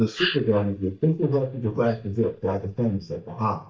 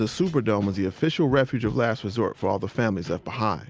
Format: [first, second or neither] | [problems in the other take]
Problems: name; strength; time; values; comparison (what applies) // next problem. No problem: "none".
second | noise reduction (neural mask model DeepFilterNet 3)